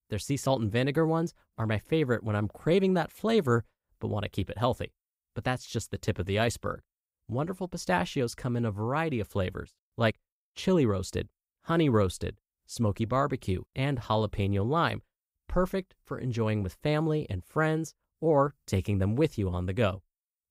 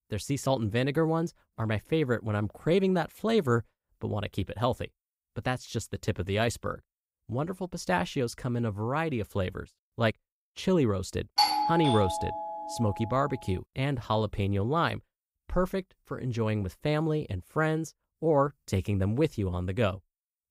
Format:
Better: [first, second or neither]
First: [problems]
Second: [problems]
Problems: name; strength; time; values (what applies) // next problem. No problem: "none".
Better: first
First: none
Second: doorbell; loud; from 11 to 13 s; peak 5 dB above the speech